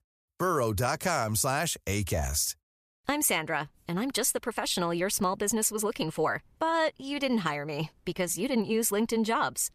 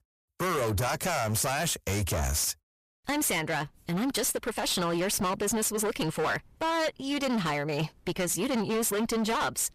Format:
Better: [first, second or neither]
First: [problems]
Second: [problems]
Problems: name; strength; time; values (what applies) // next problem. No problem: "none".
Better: first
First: none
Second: distortion; heavy; 26% of the sound clipped